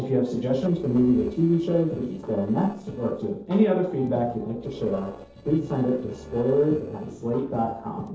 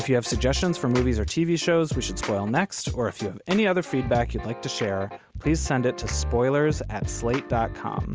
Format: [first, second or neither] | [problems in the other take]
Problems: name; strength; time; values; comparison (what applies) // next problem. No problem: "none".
second | noise reduction (neural separator model SepFormer DNS4)